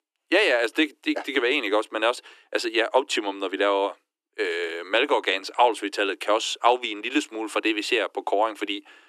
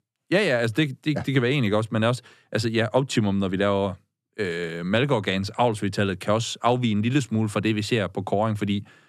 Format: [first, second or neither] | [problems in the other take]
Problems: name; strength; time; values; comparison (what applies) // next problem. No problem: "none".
second | thin; very; fading below 300 Hz